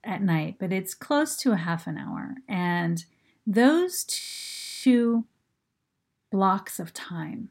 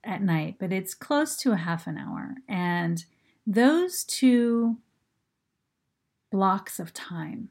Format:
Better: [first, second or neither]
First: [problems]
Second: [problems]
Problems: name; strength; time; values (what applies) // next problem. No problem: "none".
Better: second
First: audio freezing; at 4 s for 0.5 s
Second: none